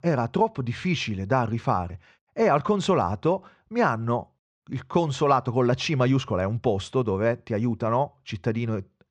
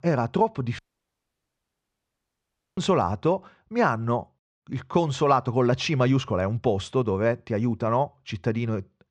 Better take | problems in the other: first | audio cutting out; at 1 s for 2 s

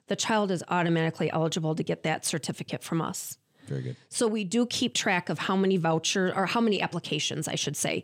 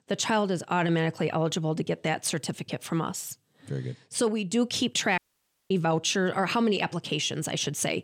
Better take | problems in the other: first | audio cutting out; at 5 s for 0.5 s

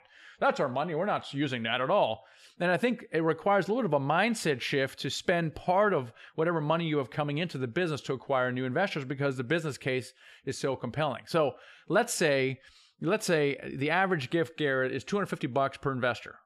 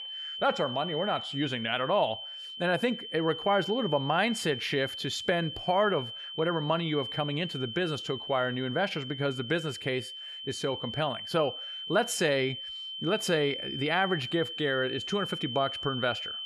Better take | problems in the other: first | high-pitched whine; loud; throughout; 3 kHz, 7 dB below the speech

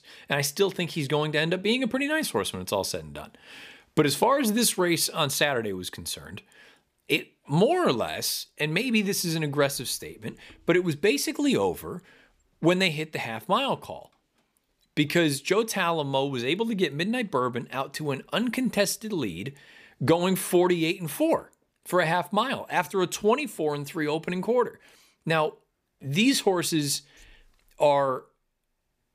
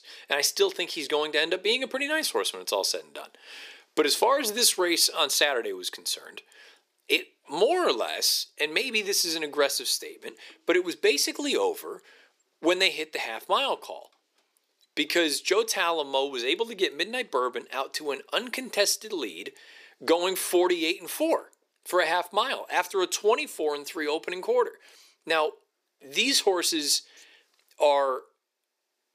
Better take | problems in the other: first | thin; somewhat; fading below 350 Hz

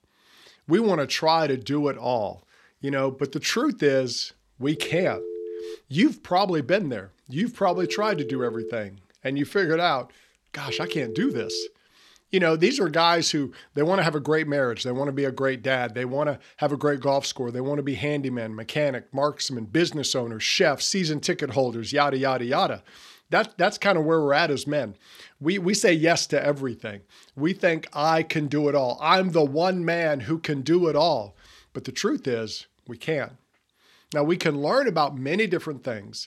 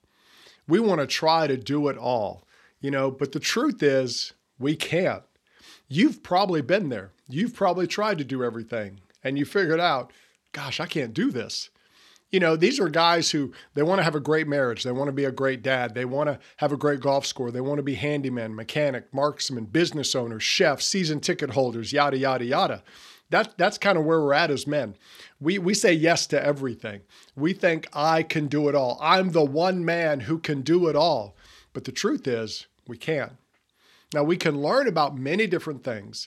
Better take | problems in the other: second | phone ringing; noticeable; from 5 to 12 s; peak 9 dB below the speech

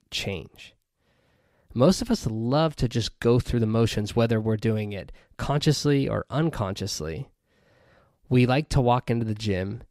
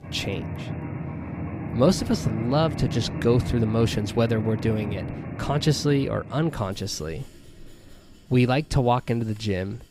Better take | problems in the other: first | machinery noise; loud; throughout; 8 dB below the speech

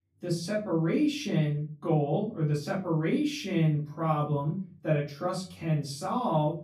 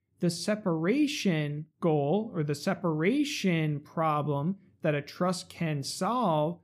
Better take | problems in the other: second | room echo; slight; dies away in 0.3 s // off-mic speech; far

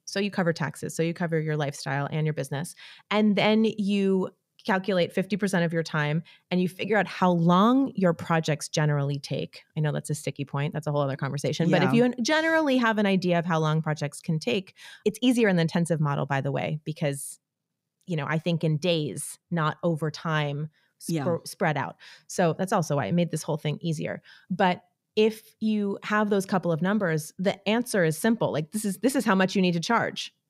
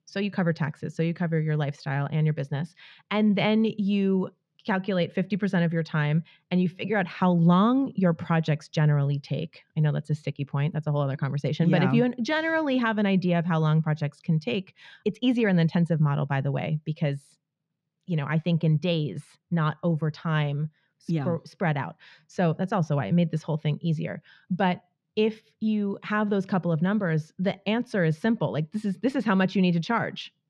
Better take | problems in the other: first | muffled; very slightly; fading above 3.5 kHz

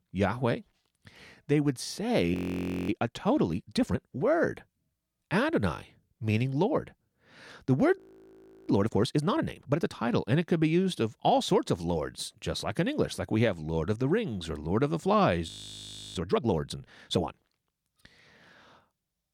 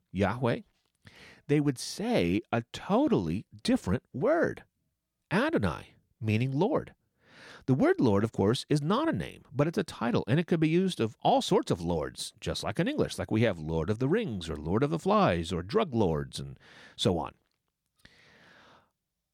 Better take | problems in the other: second | audio freezing; at 2.5 s for 0.5 s, at 8 s for 0.5 s and at 15 s for 0.5 s

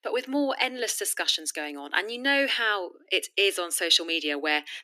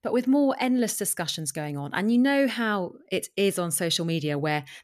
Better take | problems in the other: second | thin; somewhat; fading below 300 Hz

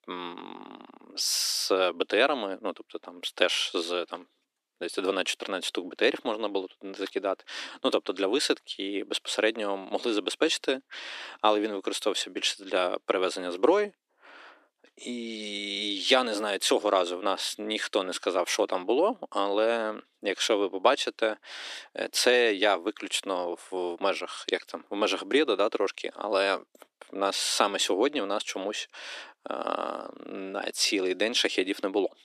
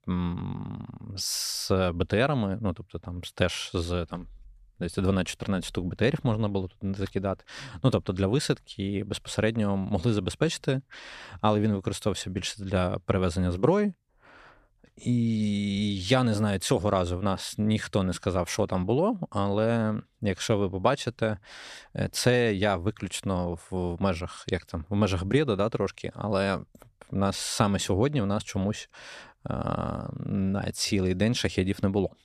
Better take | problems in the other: second | thin; somewhat; fading below 300 Hz

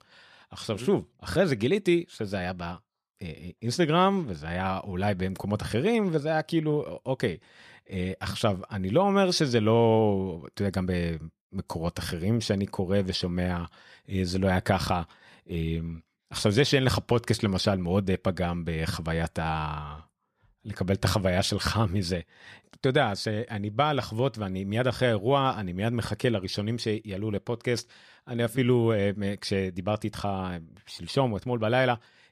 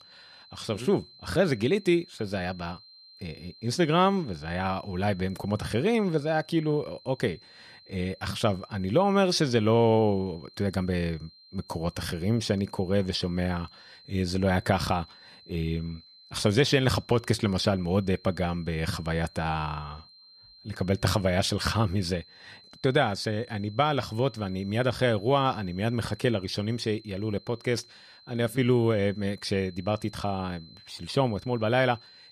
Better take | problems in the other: first | high-pitched whine; faint; throughout; 4 kHz, 25 dB below the speech

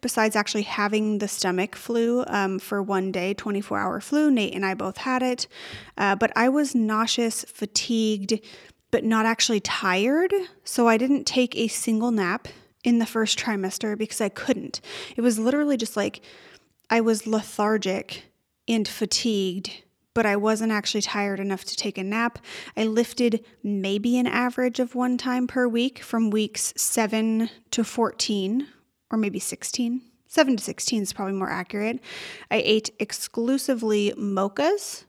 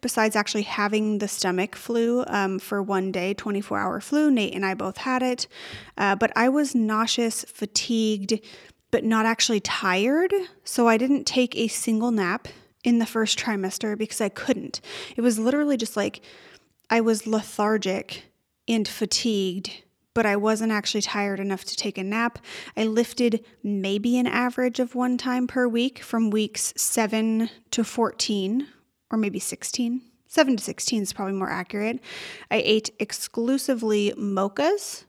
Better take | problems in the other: neither | none

